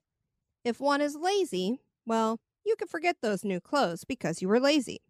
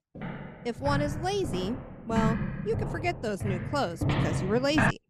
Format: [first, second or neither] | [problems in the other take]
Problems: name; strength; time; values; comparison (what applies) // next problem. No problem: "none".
first | footsteps; loud; peak 5 dB above the speech